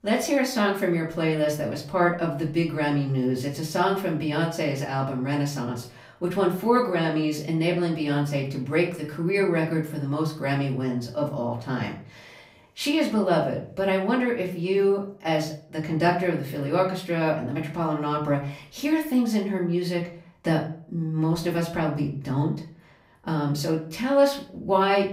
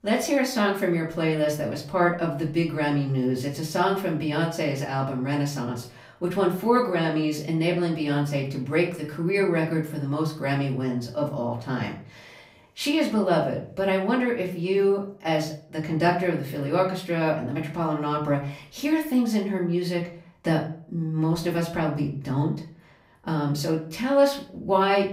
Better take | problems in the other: neither | room echo; slight; dies away in 0.4 s; the same in both // off-mic speech; far; the same in both

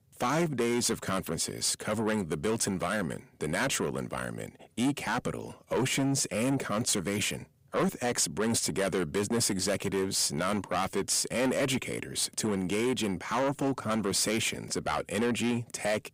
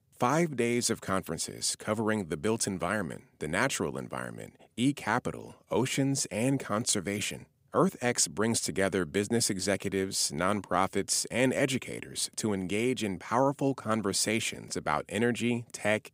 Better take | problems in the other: second | distortion; heavy; 7 dB below the speech

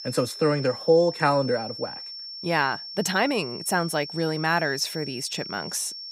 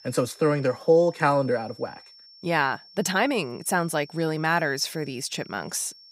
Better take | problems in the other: second | high-pitched whine; loud; throughout; 5.5 kHz, 10 dB below the speech; faint in the second

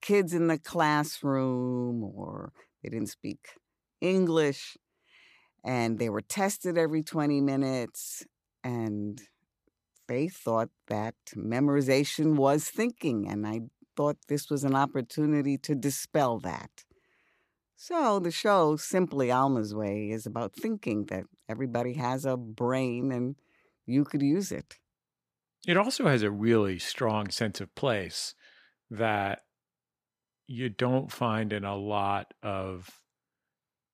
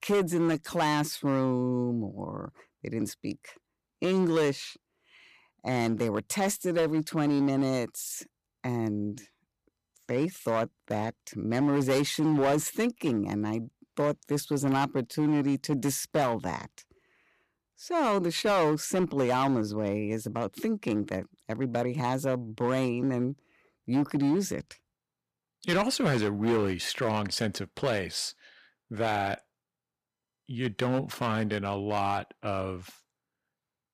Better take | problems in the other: first | distortion; slight; 6% of the sound clipped

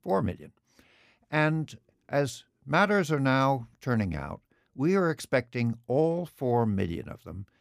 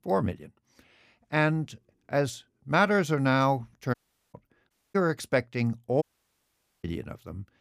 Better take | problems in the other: first | audio cutting out; at 4 s, at 4.5 s and at 6 s for 1 s

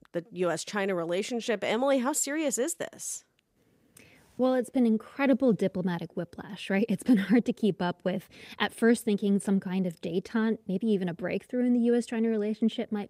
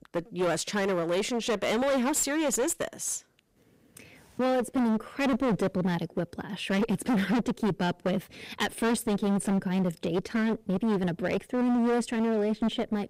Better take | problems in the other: first | distortion; heavy; 20% of the sound clipped

